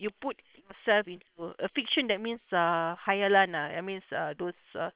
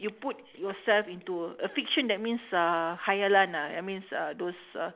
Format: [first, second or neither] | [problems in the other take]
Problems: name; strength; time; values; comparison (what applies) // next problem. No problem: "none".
second | noise reduction (neural separator model SepFormer WHAM!)